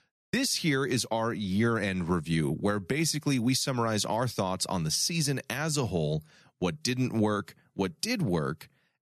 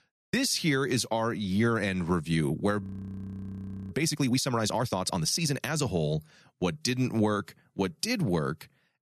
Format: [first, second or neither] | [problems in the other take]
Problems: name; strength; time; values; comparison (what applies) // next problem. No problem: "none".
first | audio freezing; at 3 s for 1 s